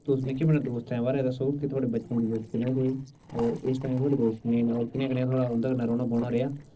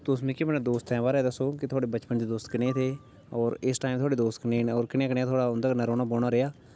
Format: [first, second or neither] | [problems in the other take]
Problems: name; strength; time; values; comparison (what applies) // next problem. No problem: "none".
second | noise reduction (neural separator model SepFormer DNS4)